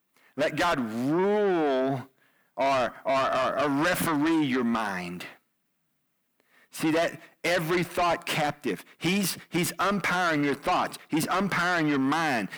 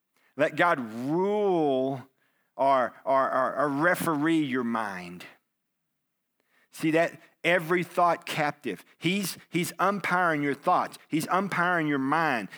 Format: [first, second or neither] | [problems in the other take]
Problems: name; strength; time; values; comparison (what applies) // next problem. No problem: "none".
second | distortion; heavy; 7 dB below the speech